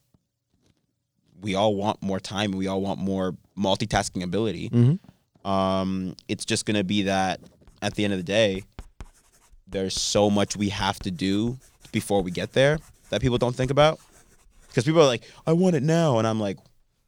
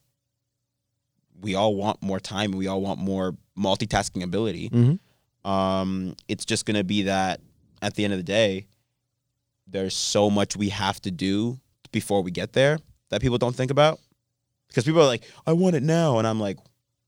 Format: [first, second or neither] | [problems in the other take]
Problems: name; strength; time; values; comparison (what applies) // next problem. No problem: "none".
second | household noises; faint; throughout; 25 dB below the speech